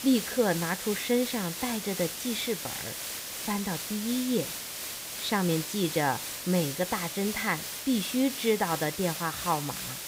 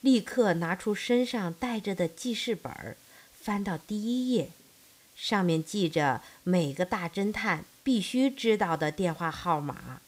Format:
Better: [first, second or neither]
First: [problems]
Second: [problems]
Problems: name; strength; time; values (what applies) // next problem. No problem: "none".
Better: second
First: hiss; loud; throughout; 4 dB below the speech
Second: hiss; faint; throughout; 25 dB below the speech